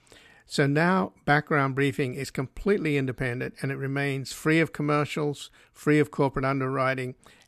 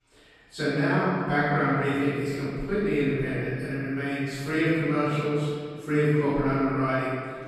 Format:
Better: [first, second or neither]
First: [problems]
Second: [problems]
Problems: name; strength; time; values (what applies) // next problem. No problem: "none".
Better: first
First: none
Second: off-mic speech; far // room echo; strong; dies away in 1.9 s